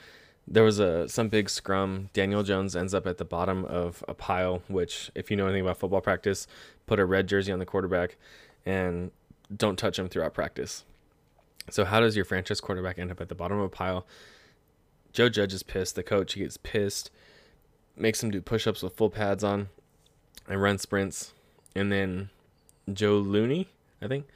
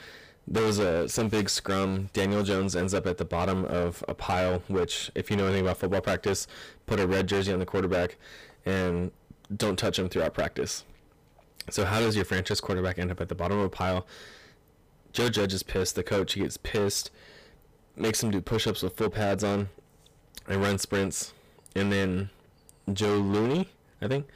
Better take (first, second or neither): first